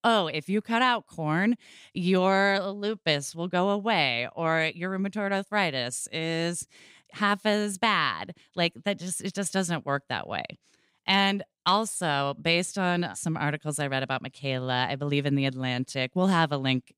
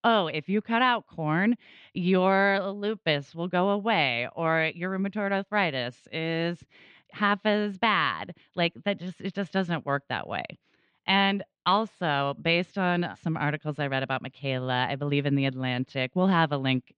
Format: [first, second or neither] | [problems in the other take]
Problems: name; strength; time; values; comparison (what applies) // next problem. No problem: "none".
first | muffled; slightly; fading above 3.5 kHz